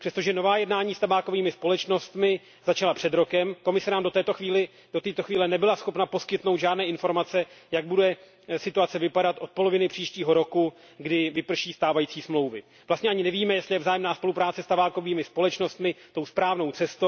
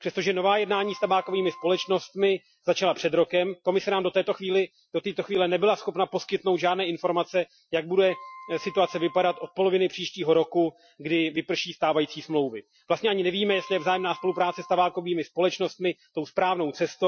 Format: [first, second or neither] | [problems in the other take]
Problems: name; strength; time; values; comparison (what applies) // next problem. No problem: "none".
first | noise reduction (classical method Wiener filter)